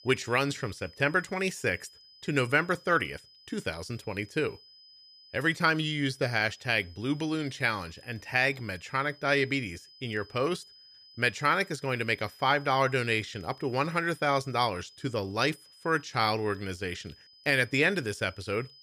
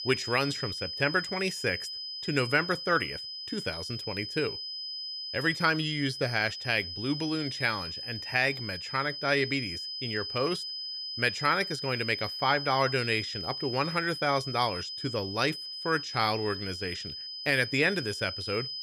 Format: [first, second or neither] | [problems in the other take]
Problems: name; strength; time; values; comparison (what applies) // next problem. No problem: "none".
first | high-pitched whine; loud; throughout; 5 kHz, 6 dB below the speech; faint in the first